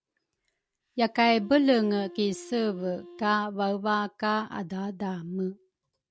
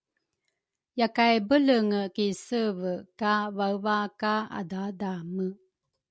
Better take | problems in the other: second | background sound (Wind instrument, woodwind instrument); 20 dB below the speech

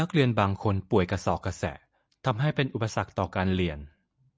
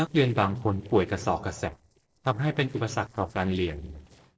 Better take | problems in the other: first | noise reduction (neural separator model SepFormer DNS4)

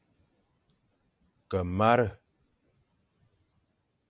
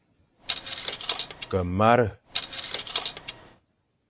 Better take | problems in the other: first | background sound (Coin (dropping)); 7 dB below the speech

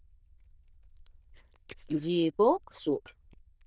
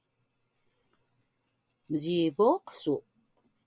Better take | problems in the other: second | noise reduction (neural diffusion model UNIVERSE++)

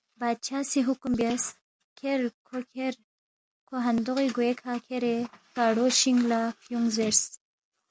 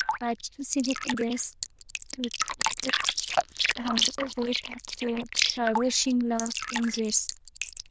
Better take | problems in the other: first | noise reduction (neural diffusion model UNIVERSE++)

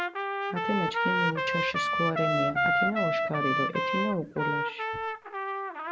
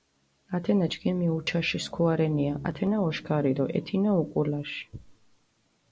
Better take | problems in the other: second | background sound (Trumpet); 4 dB above the speech

